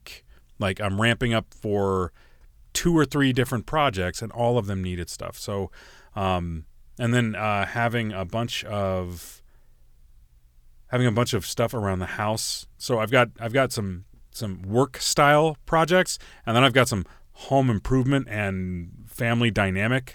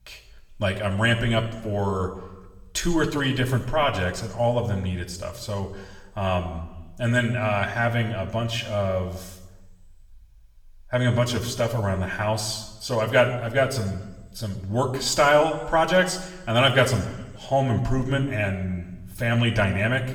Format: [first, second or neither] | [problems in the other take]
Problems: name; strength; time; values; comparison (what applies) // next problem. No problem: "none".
first | room echo; slight; dies away in 0.8 s // off-mic speech; somewhat distant